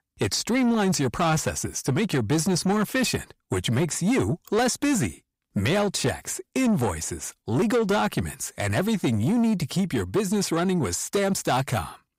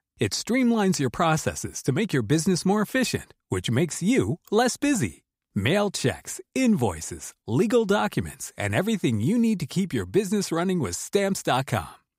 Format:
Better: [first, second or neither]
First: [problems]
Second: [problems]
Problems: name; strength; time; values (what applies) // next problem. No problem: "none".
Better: second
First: distortion; slight; 10 dB below the speech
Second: none